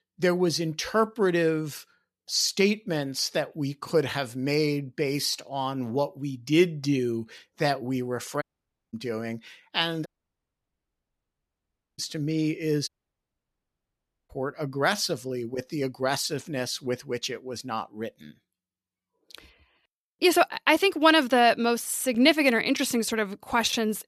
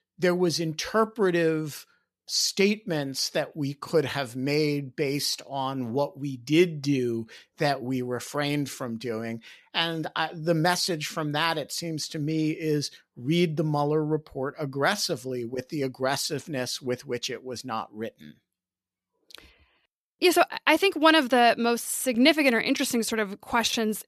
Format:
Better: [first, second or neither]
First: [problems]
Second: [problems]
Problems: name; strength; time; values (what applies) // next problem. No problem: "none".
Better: second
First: audio cutting out; at 8.5 s for 0.5 s, at 10 s for 2 s and at 13 s for 1.5 s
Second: none